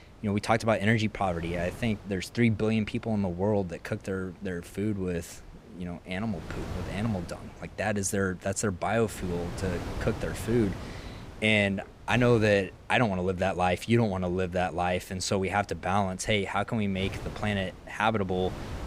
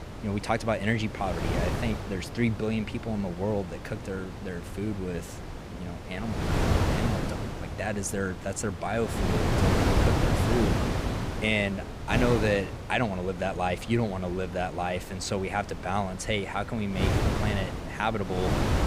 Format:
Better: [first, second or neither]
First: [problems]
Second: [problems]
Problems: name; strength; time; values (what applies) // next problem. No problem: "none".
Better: first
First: wind noise on the microphone; occasional gusts; 20 dB below the speech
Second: wind noise on the microphone; heavy; 4 dB below the speech